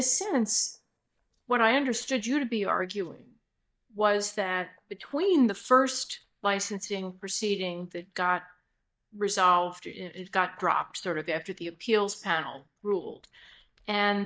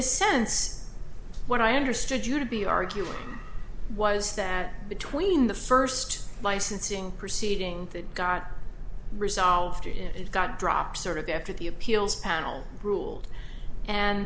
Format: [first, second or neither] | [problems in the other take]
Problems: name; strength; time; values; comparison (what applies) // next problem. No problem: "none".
second | noise reduction (neural mask model DeepFilterNet 3)